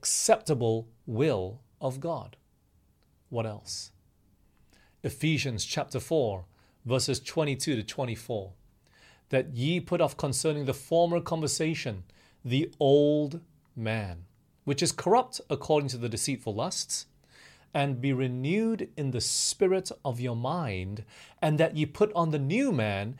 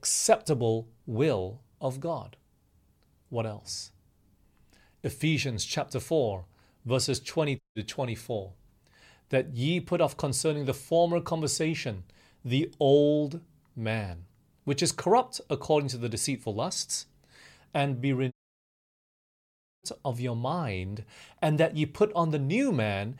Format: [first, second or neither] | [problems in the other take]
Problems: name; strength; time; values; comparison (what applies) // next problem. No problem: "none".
first | audio cutting out; at 7.5 s and at 18 s for 1.5 s